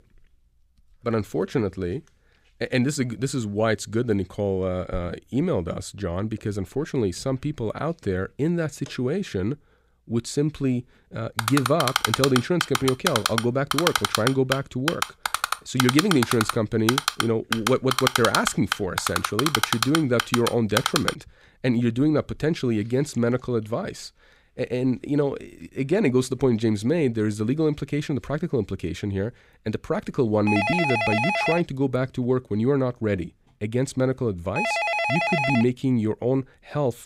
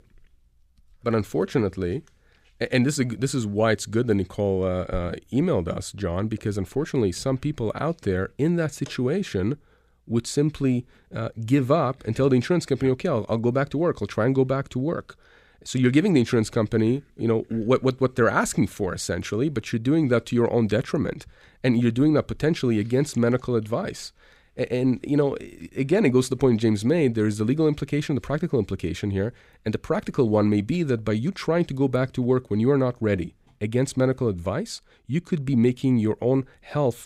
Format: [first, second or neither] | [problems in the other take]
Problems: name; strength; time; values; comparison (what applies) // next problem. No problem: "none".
second | keyboard typing; loud; from 11 to 21 s; peak 3 dB above the speech // phone ringing; loud; from 30 to 36 s; peak 3 dB above the speech